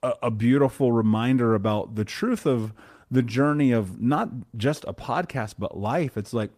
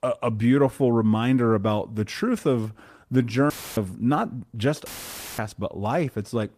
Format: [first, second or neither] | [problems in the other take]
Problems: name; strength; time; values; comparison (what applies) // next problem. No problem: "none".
first | audio cutting out; filled with static; at 3.5 s and at 5 s for 0.5 s